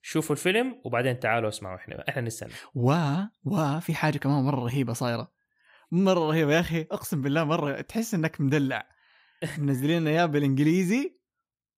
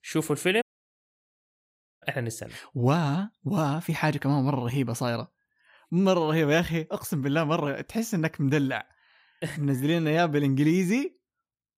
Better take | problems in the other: first | audio cutting out; at 0.5 s for 1.5 s

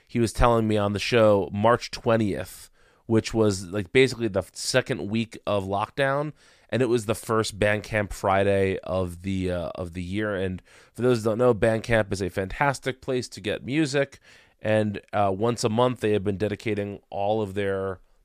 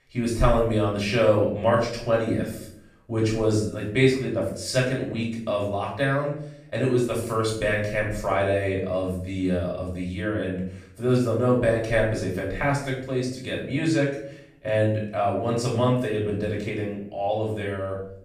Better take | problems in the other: first | off-mic speech; far // room echo; noticeable; dies away in 0.6 s

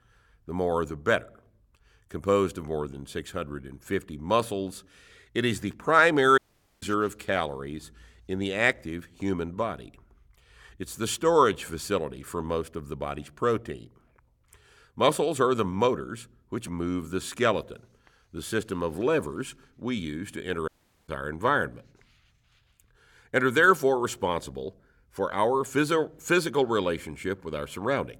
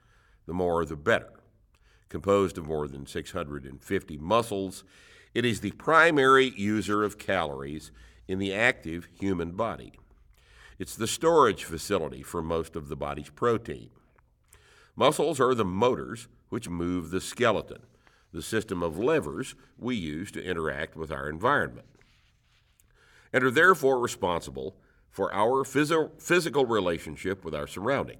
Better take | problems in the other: second | audio cutting out; at 6.5 s and at 21 s

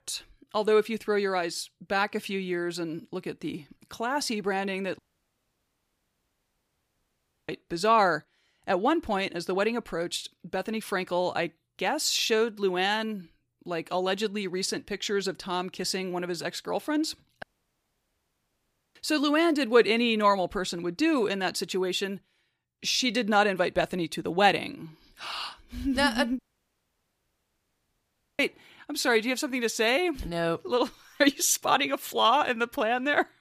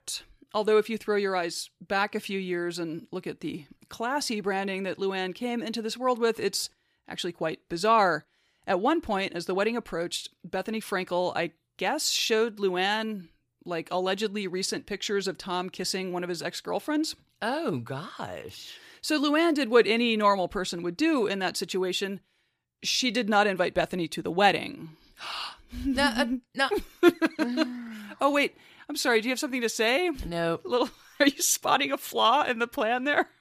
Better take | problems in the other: second | audio cutting out; at 5 s for 2.5 s, at 17 s for 1.5 s and at 26 s for 2 s

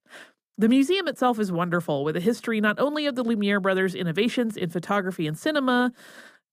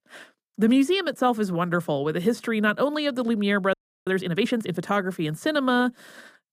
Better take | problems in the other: first | audio freezing; at 3.5 s

